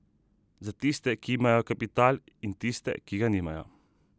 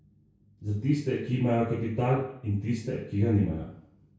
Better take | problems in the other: first | room echo; dies away in 0.6 s

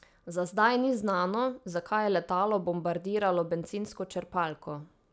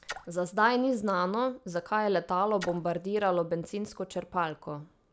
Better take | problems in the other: first | background sound (Splash, splatter); 17 dB below the speech

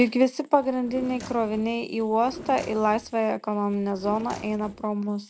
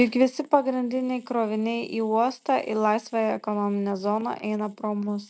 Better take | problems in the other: second | background sound (Drawer open or close); 17 dB below the speech

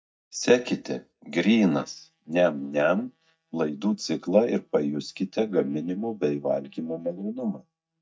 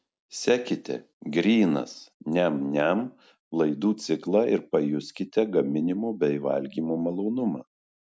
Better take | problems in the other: second | noise reduction (neural mask model DeepFilterNet 3)

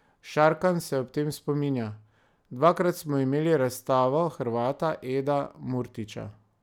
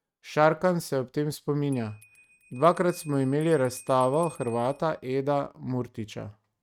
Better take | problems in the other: first | noise reduction (neural mask model RNNoise)

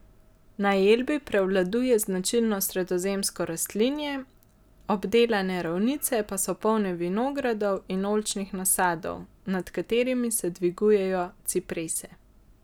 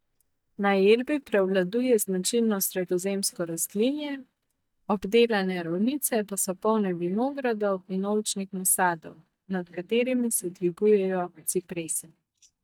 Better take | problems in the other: first | noise reduction (neural mask model DeepFilterNet 3)

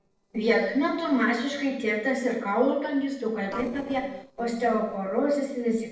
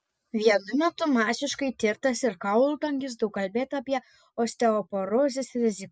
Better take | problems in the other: second | noise reduction (neural separator model SepFormer DNS4)

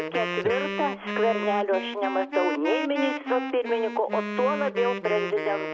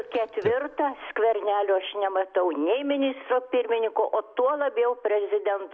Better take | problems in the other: second | background sound (Wind instrument, woodwind instrument); 4 dB below the speech

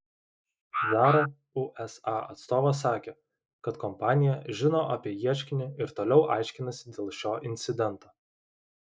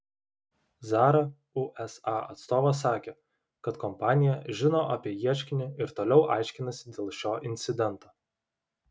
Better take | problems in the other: second | noise reduction (neural mask model Resemble Enhance denoiser)

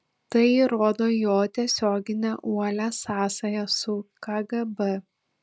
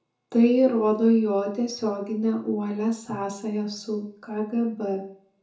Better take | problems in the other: first | room echo; dies away in 0.6 s

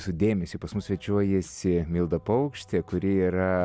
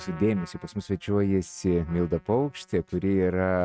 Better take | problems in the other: first | noise reduction (neural mask model RNNoise)

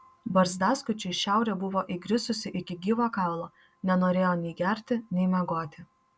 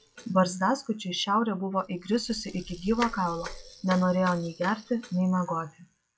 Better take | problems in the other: first | noise reduction (classical method log-MMSE)

